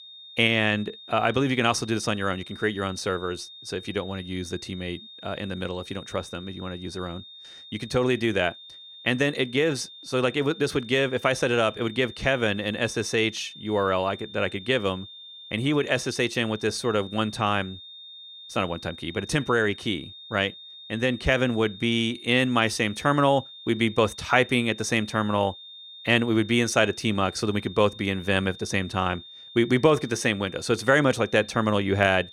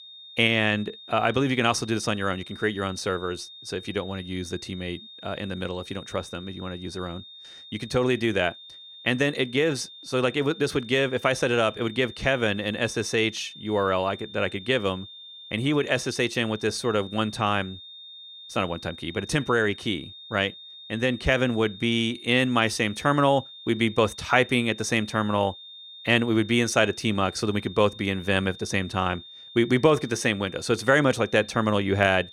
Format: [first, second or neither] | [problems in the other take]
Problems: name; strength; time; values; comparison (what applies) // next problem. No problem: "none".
neither | high-pitched whine; noticeable; throughout; 3.5 kHz, 15 dB below the speech; the same in both